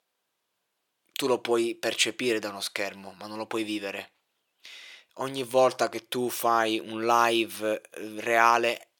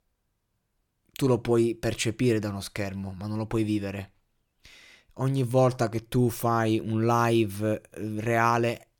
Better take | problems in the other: second | thin; somewhat; fading below 450 Hz

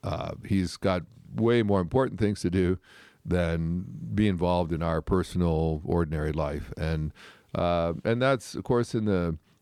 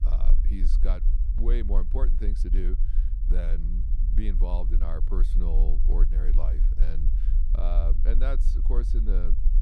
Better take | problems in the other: first | low rumble; loud; throughout; 9 dB below the speech

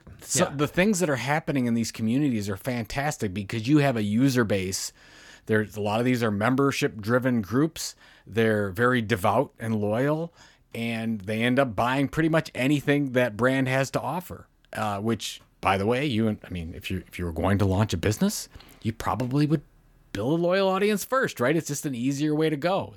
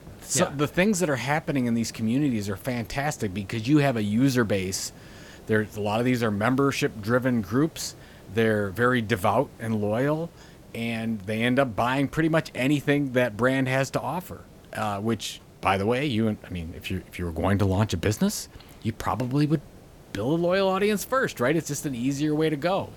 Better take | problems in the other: first | hiss; faint; throughout; 25 dB below the speech

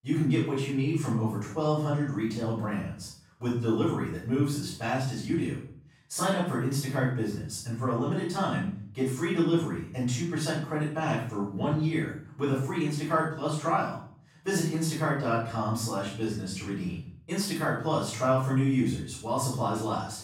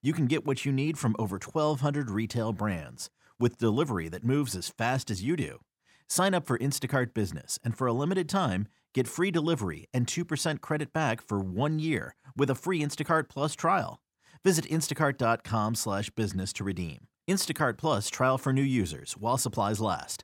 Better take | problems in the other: second | off-mic speech; far // room echo; noticeable; dies away in 0.5 s

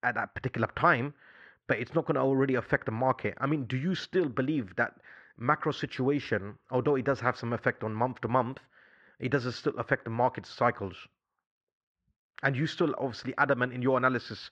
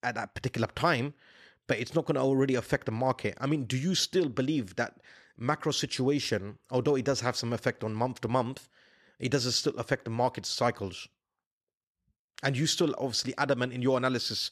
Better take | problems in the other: second | muffled; very; fading above 2 kHz

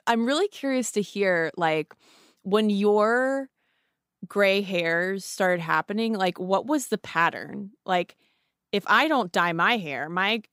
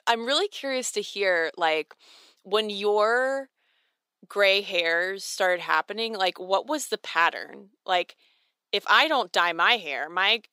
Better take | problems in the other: first | thin; somewhat; fading below 500 Hz

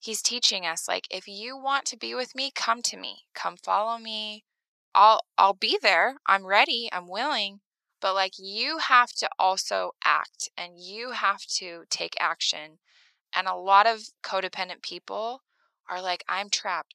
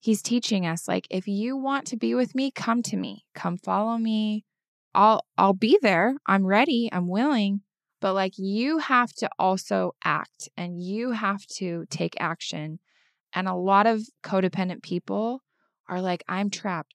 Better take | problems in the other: second | thin; very; fading below 850 Hz

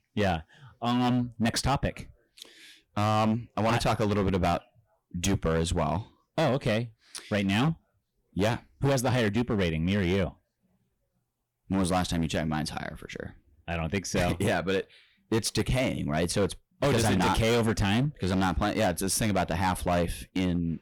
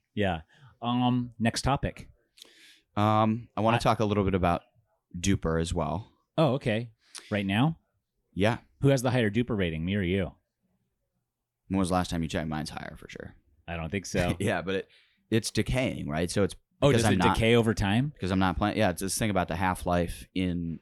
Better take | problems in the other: second | distortion; heavy; 13% of the sound clipped

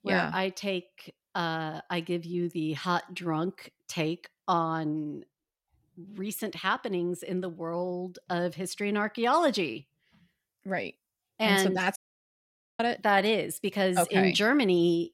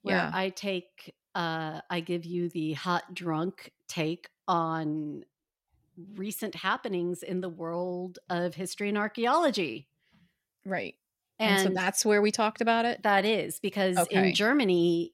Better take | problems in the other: second | audio cutting out; at 12 s for 1 s

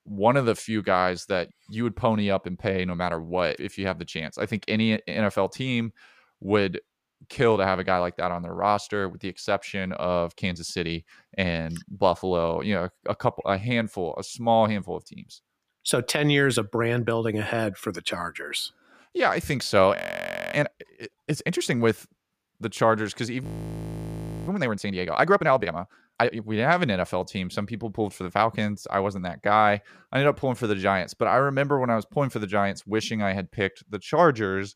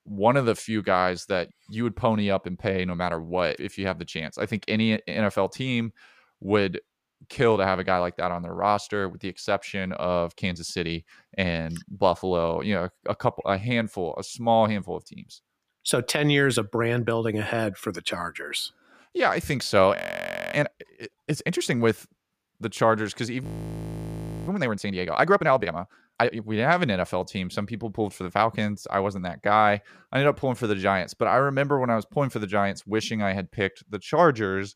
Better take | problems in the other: neither | audio freezing; at 20 s for 0.5 s and at 23 s for 1 s; the same in both

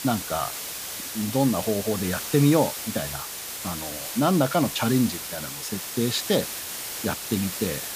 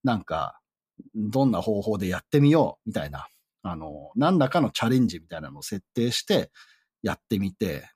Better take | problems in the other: second | hiss; loud; throughout; 6 dB below the speech

